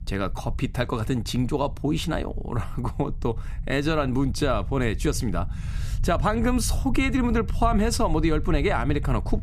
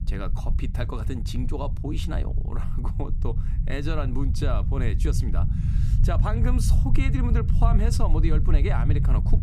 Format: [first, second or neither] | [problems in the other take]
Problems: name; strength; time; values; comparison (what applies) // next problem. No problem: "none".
first | low rumble; loud; throughout; 7 dB below the speech; faint in the first